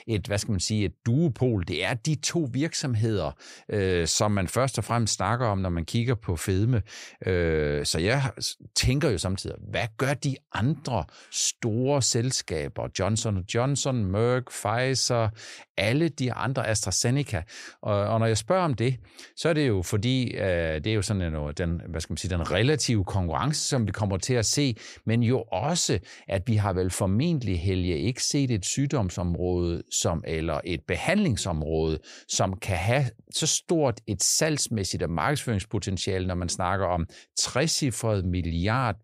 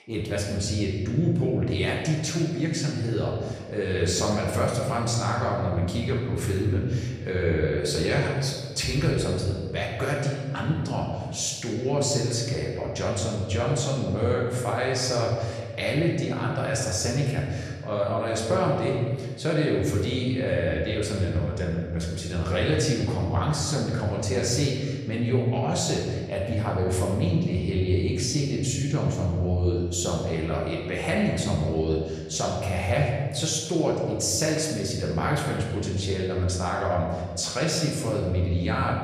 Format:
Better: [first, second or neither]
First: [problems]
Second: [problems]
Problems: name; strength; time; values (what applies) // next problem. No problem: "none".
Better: first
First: none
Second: room echo; noticeable; dies away in 1.4 s // off-mic speech; far